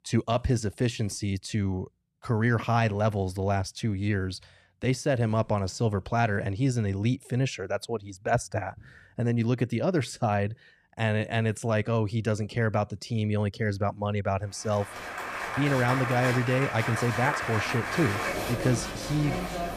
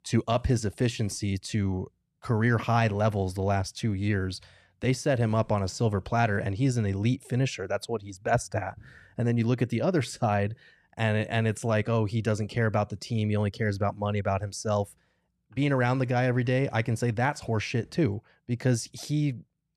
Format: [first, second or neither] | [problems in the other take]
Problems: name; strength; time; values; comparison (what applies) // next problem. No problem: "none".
second | crowd noise; loud; from 15 s on; 3 dB below the speech